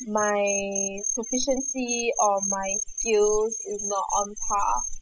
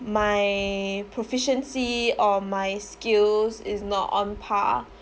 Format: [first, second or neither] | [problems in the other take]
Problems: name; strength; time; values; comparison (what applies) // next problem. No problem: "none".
second | noise reduction (classical method spectral subtraction)